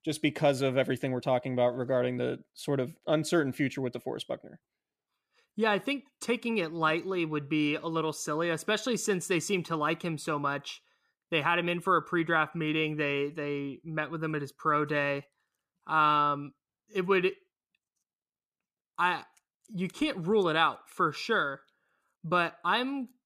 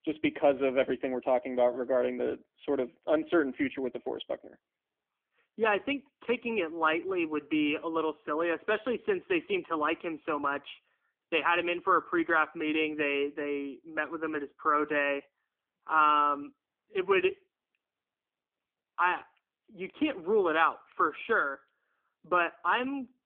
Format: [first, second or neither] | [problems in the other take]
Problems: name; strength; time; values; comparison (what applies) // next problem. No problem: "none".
first | phone-call audio; poor line